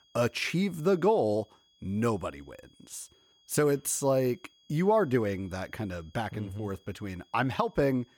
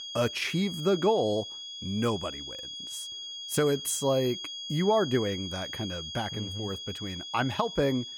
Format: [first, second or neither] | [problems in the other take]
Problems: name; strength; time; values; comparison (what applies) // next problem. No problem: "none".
first | high-pitched whine; loud; throughout; 3.5 kHz, 7 dB below the speech; faint in the first